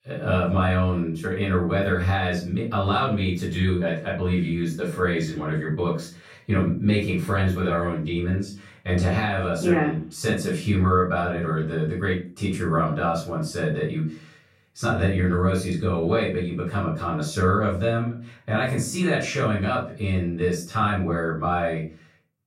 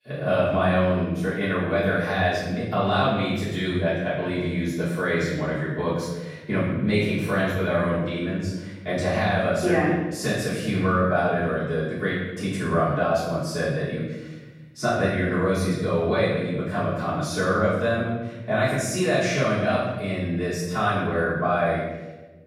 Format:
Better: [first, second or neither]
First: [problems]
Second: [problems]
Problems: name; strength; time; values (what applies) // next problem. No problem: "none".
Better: first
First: room echo; slight; dies away in 0.3 s // off-mic speech; far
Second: room echo; strong; dies away in 1 s // off-mic speech; far